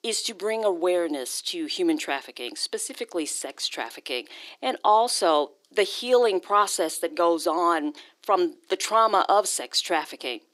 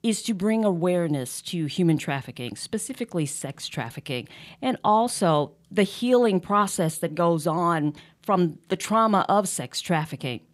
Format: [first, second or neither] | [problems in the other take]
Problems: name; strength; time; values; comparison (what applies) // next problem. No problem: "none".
second | thin; very; fading below 300 Hz